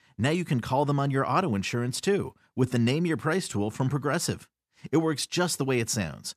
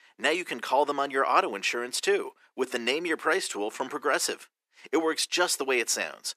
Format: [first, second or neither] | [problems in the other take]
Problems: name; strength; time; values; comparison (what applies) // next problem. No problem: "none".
first | thin; very; fading below 350 Hz